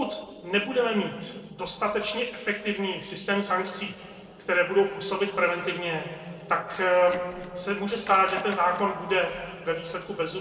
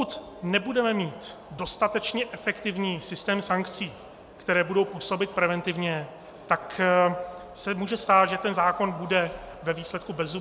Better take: second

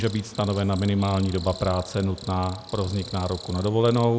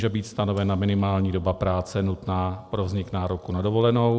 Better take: second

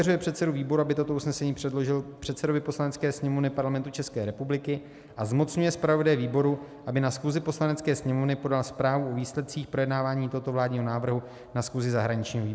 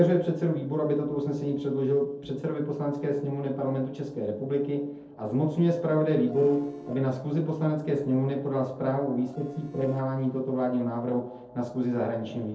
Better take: first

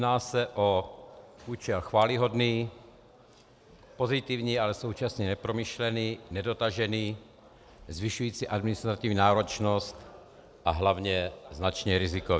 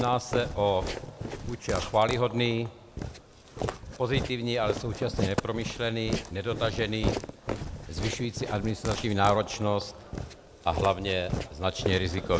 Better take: first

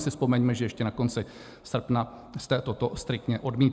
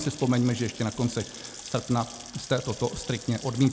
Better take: first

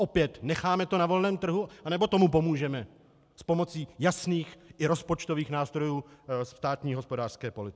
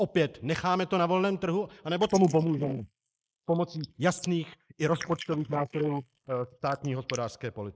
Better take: first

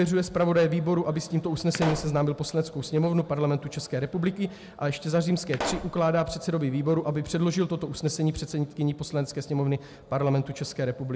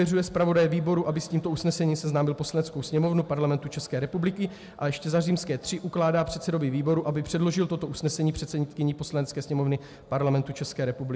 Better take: second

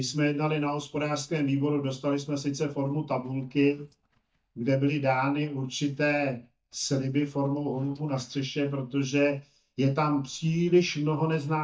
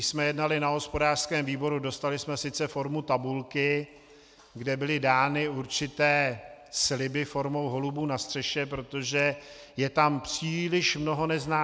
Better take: second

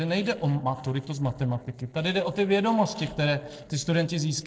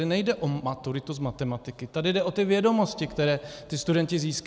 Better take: second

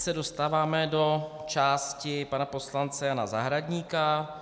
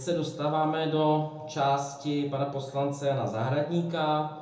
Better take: first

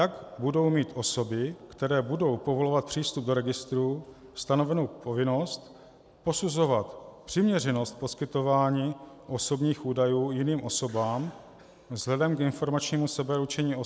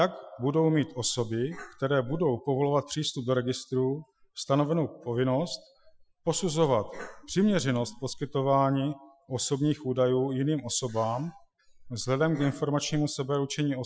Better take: first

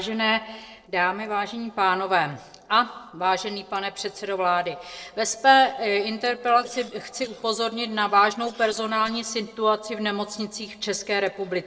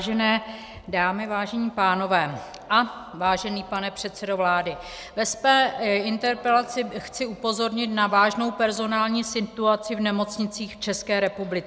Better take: second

